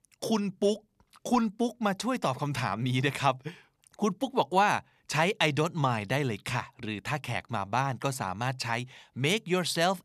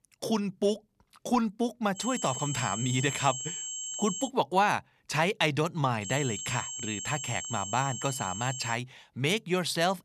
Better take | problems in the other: first | high-pitched whine; loud; from 2 to 4.5 s and from 6 to 8.5 s; 7.5 kHz, 5 dB below the speech

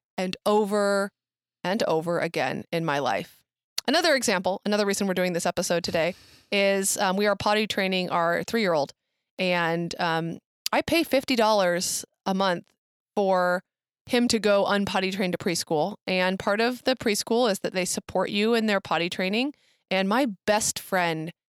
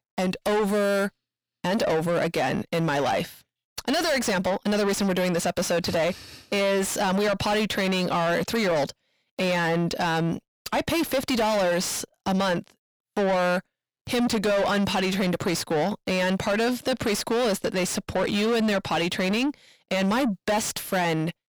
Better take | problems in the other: first | distortion; heavy; 6 dB below the speech

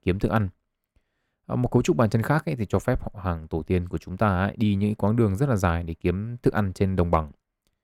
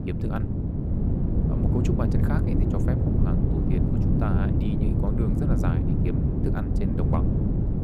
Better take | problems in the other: first | wind noise on the microphone; heavy; 3 dB above the speech

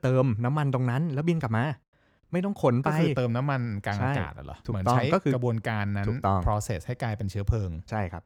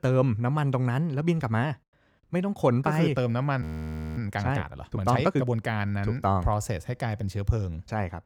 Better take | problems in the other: first | audio freezing; at 3.5 s for 0.5 s

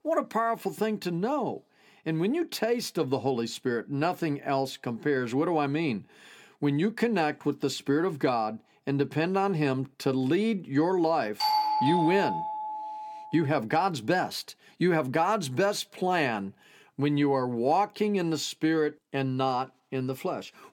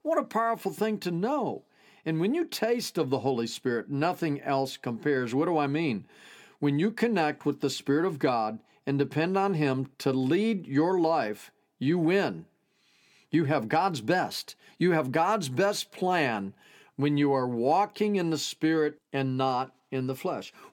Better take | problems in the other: second | doorbell; loud; from 11 to 13 s; peak 3 dB above the speech

